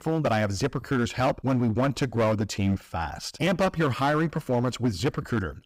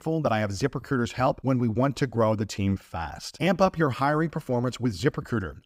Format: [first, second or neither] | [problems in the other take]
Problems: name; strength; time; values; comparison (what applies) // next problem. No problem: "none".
second | distortion; slight; 10% of the sound clipped